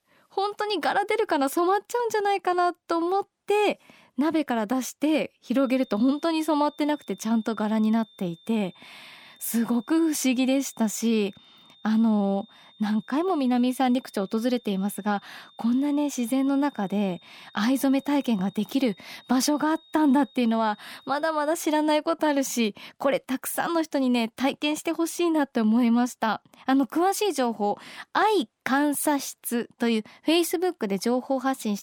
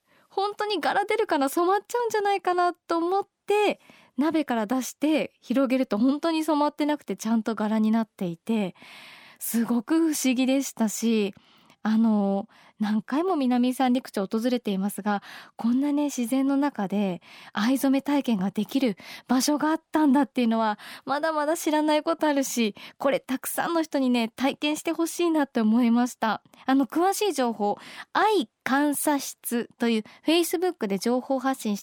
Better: second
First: high-pitched whine; faint; from 5.5 to 22 s; 3.5 kHz, 25 dB below the speech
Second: none

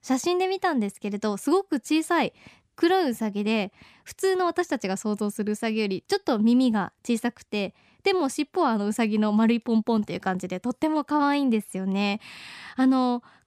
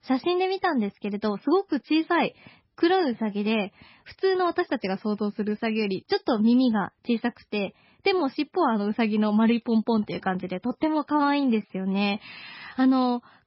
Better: first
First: none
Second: garbled, watery; badly; nothing above 5 kHz

